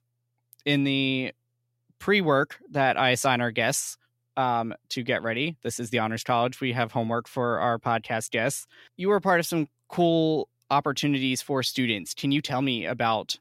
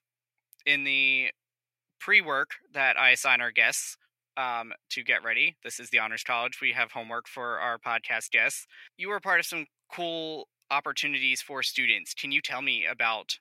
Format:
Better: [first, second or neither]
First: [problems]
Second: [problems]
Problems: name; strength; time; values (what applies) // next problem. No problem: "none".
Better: first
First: none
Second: thin; somewhat; fading below 1 kHz